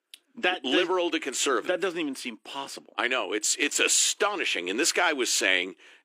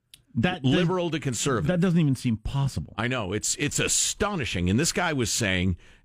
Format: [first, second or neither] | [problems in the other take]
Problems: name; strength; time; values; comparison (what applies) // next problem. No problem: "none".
second | thin; very; fading below 300 Hz